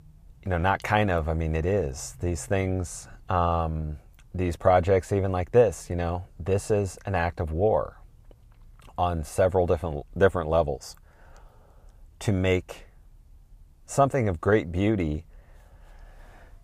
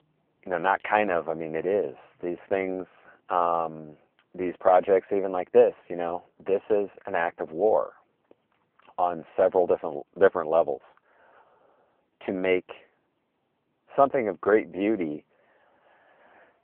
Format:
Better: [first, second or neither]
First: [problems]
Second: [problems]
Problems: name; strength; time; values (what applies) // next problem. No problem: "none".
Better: first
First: none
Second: phone-call audio; poor line